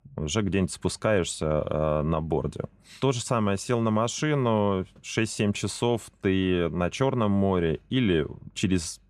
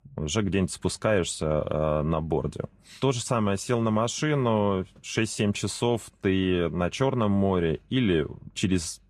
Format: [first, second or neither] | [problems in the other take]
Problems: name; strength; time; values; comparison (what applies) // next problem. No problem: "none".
first | garbled, watery; slightly